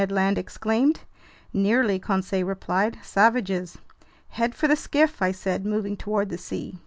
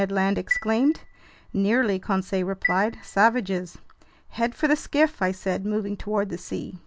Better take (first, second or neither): first